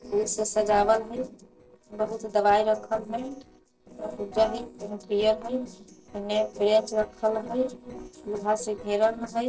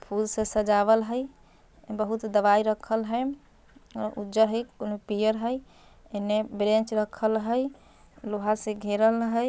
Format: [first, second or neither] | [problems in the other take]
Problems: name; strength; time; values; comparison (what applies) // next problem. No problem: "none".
second | noise reduction (neural separator model SepFormer DNS4)